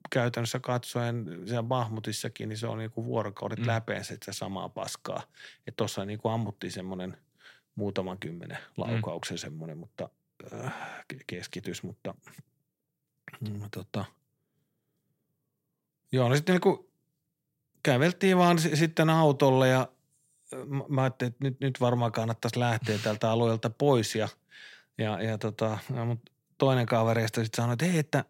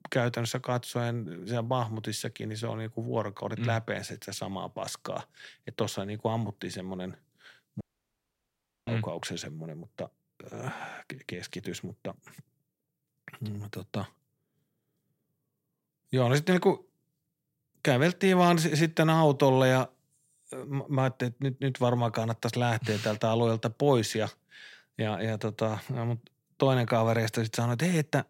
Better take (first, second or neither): first